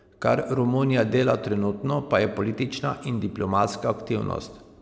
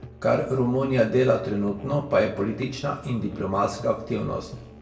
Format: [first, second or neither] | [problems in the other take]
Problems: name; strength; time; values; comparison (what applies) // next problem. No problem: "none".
first | background sound (Musical instrument); 18 dB below the speech // room echo; dies away in 0.2 s